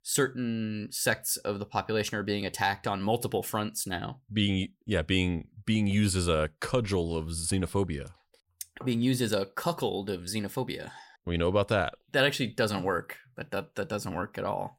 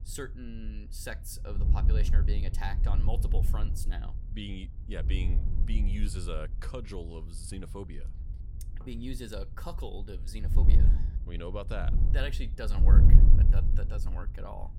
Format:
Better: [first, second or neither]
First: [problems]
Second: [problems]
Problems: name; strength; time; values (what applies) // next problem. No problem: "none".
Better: first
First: none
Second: wind noise on the microphone; heavy; 3 dB below the speech